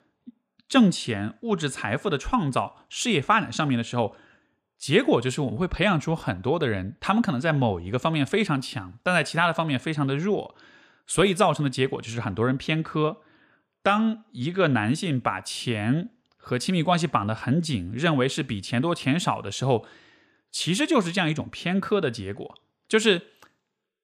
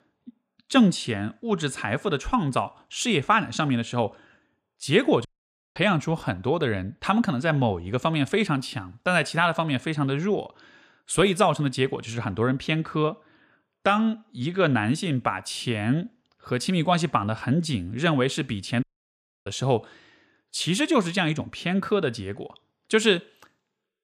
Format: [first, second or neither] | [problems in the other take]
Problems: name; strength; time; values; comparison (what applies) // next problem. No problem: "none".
first | audio cutting out; at 5.5 s for 0.5 s and at 19 s for 0.5 s